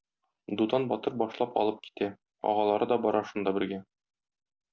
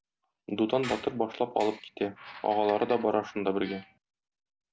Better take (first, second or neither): first